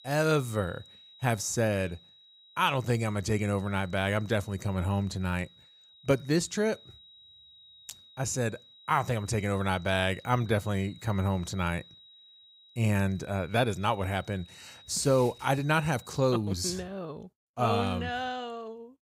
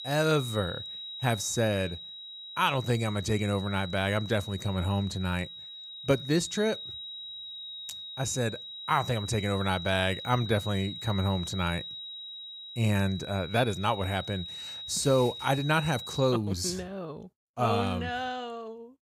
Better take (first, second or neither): first